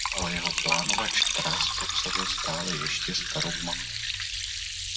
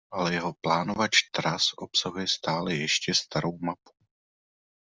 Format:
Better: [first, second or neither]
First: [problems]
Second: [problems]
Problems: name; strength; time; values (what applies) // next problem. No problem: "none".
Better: second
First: background sound (Liquid); 4 dB above the speech // room echo; dies away in 0.6 s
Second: none